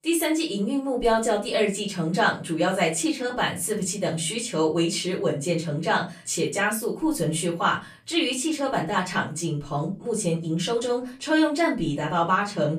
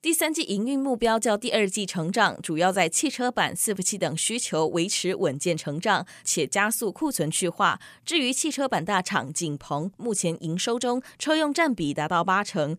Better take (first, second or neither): second